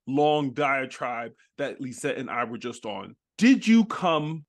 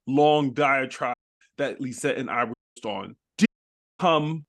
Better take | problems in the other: first | audio cutting out; at 1 s, at 2.5 s and at 3.5 s for 0.5 s

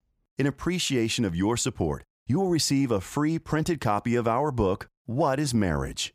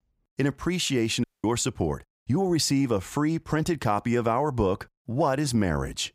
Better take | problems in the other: first | audio cutting out; at 1 s

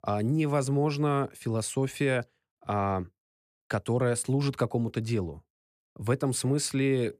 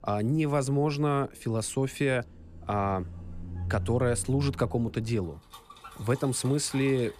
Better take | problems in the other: first | traffic noise; noticeable; throughout; 15 dB below the speech

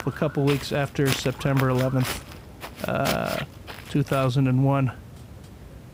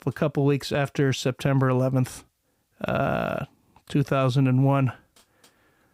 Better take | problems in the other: second | footsteps; noticeable; peak 5 dB below the speech

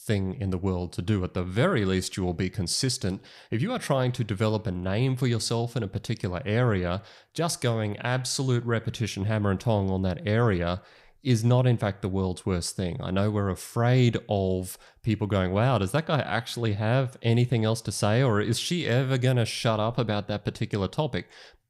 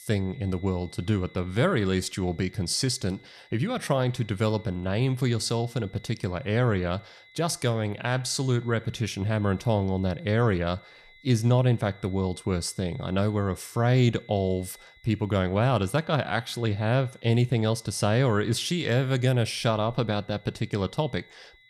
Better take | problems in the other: first | high-pitched whine; faint; throughout; 2 kHz, 25 dB below the speech

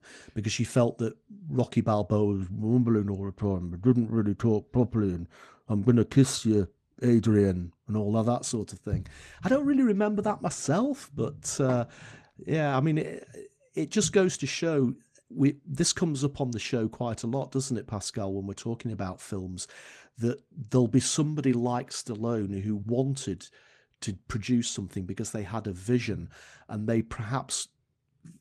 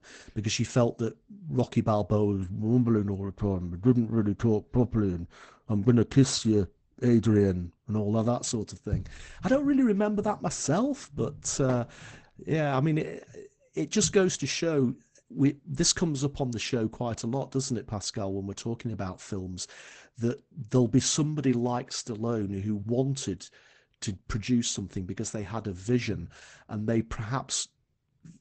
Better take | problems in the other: first | garbled, watery; badly; nothing above 8 kHz; slightly in the first

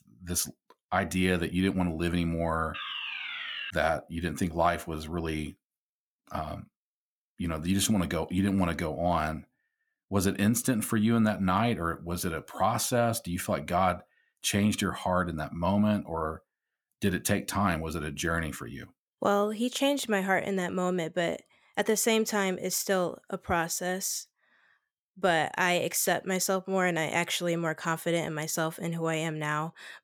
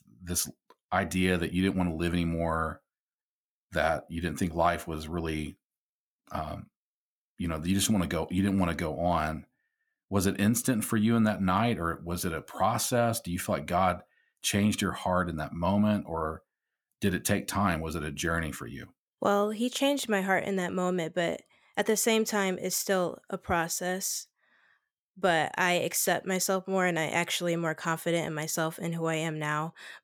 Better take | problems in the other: second | alarm; noticeable; at 2.5 s; peak 5 dB below the speech

